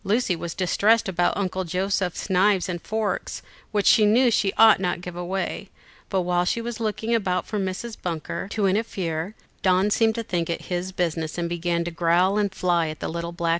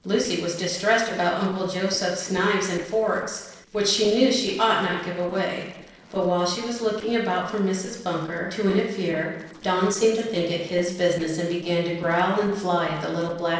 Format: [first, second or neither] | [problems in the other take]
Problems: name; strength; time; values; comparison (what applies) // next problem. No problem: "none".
first | noise reduction (neural separator model SepFormer DNS4)